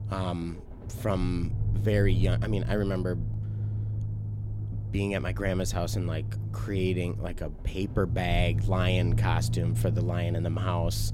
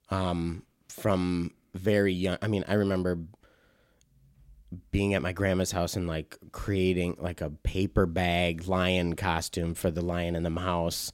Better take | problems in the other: second | low rumble; noticeable; throughout; 10 dB below the speech

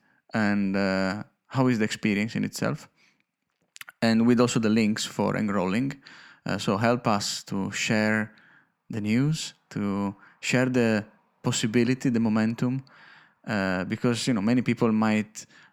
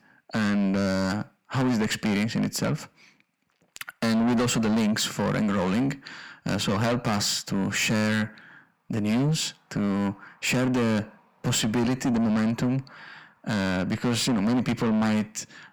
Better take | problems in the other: first | distortion; heavy; 6 dB below the speech

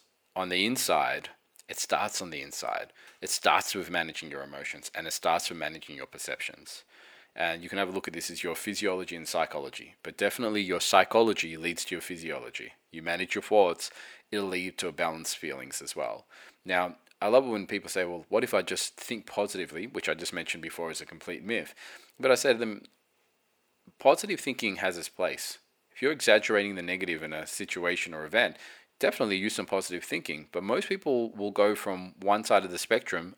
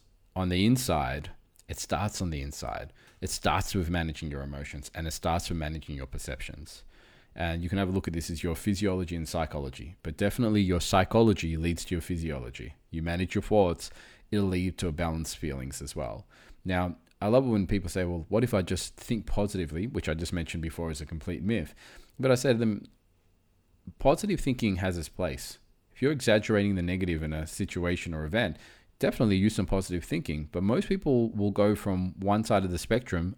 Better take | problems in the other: second | thin; somewhat; fading below 450 Hz

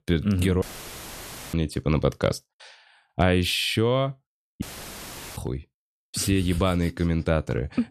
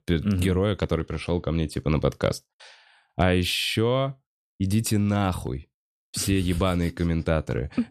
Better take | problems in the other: second | audio cutting out; filled with static; at 0.5 s for 1 s and at 4.5 s for 1 s

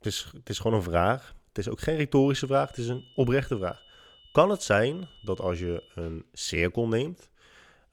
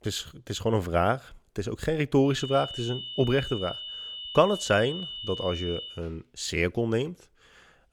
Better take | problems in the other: first | high-pitched whine; loud; from 2.5 to 6 s; 3 kHz, 8 dB below the speech; faint in the first

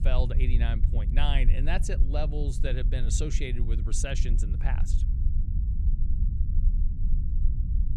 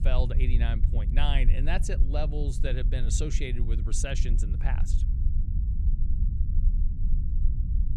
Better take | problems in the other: neither | low rumble; noticeable; throughout; 10 dB below the speech; the same in both

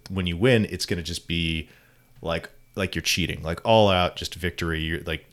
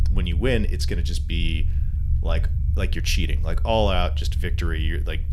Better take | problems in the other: first | low rumble; noticeable; throughout; 15 dB below the speech

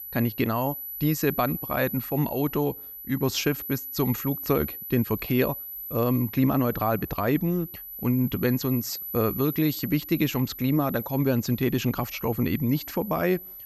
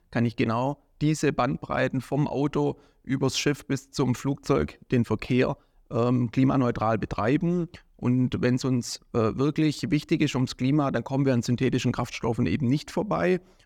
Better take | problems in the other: second | high-pitched whine; loud; throughout; 12 kHz, 8 dB below the speech

